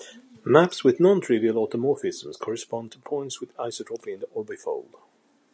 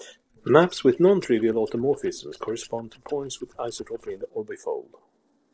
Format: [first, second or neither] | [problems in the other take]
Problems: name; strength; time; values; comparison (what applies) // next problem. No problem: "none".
first | noise reduction (neural separator model SepFormer DNS4)